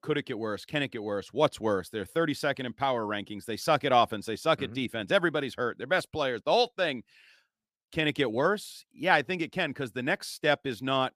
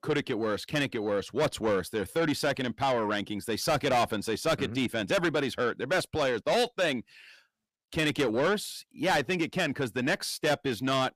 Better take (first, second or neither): first